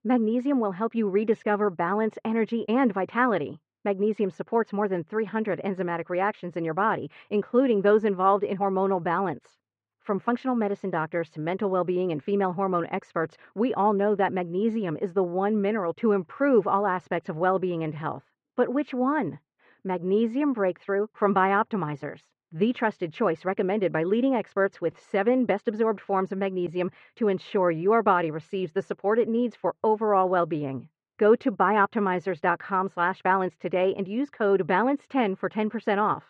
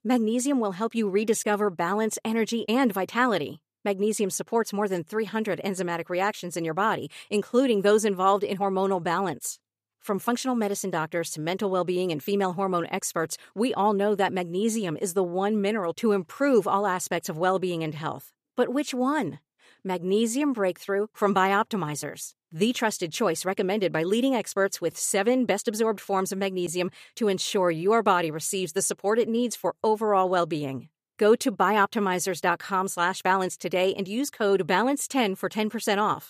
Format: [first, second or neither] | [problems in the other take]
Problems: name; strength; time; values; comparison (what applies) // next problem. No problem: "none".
second | muffled; very; fading above 2 kHz